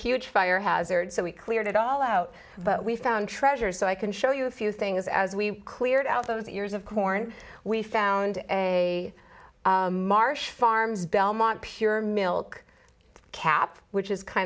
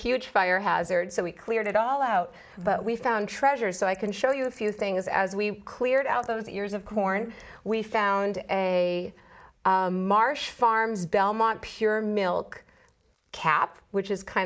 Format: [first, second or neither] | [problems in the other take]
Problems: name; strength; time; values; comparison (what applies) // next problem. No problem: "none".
first | noise reduction (neural mask model Resemble Enhance denoiser)